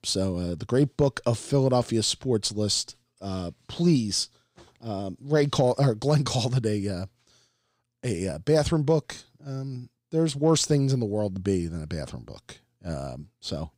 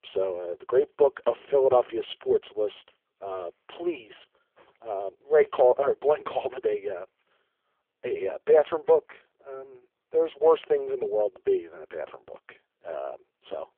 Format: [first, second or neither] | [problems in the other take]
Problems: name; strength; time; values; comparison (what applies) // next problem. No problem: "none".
first | phone-call audio; poor line; nothing above 3.5 kHz